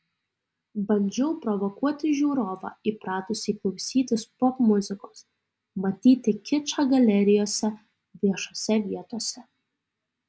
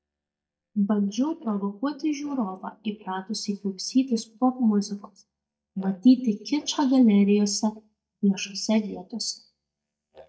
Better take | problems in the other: first | noise reduction (neural mask model DeepFilterNet 3)

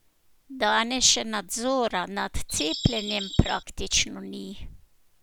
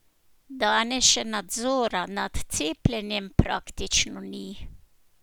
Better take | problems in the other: second | background sound (Bird vocalization, bird call, bird song); 7 dB below the speech

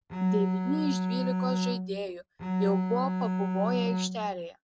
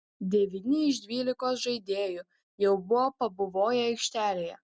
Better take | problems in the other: second | noise reduction (neural mask model RNNoise)

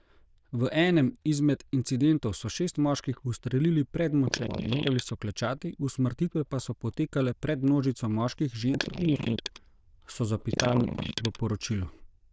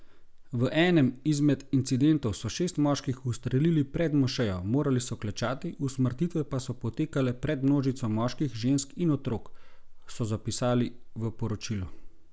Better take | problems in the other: second | noise reduction (neural diffusion model UNIVERSE++)

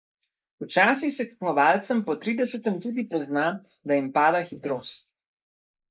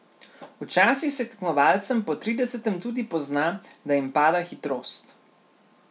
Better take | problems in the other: second | noise reduction (neural mask model Resemble Enhance denoiser)

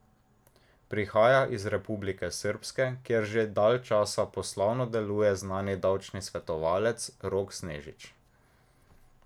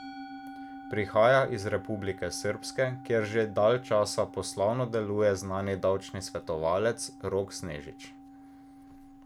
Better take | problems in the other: first | background sound (Musical instrument); 17 dB below the speech

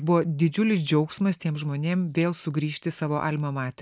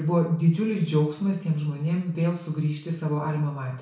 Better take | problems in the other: first | room echo; dies away in 0.6 s

